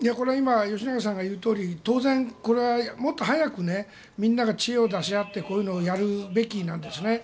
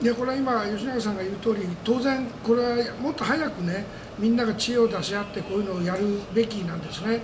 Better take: first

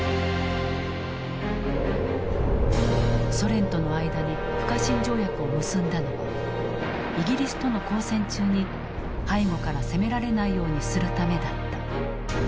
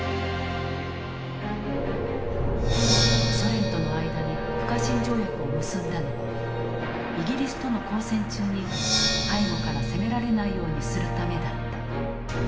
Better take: first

